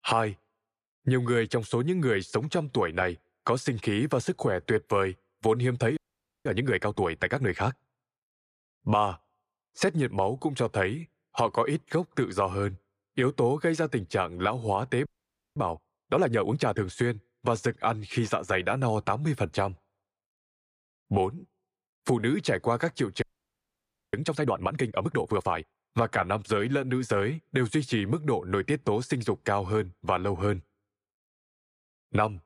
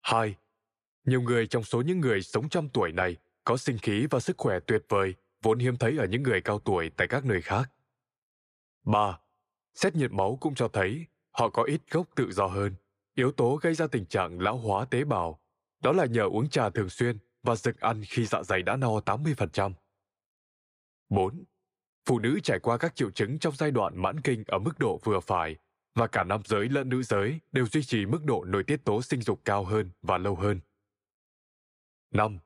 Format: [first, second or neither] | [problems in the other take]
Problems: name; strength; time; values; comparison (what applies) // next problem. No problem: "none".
second | audio freezing; at 6 s, at 15 s for 0.5 s and at 23 s for 1 s